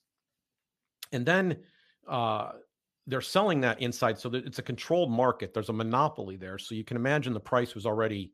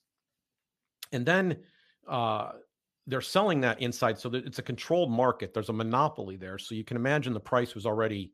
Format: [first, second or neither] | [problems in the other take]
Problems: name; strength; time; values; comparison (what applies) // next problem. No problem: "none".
neither | none